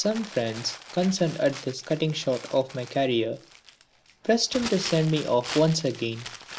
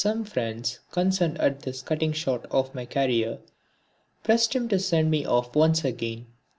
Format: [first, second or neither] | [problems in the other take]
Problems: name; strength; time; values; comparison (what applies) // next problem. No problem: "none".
second | background sound (Crumpling, crinkling); 14 dB below the speech